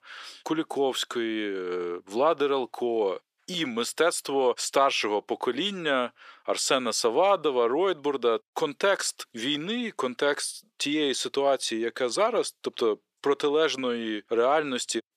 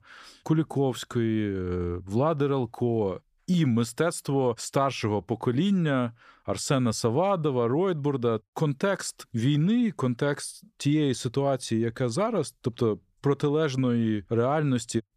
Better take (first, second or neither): second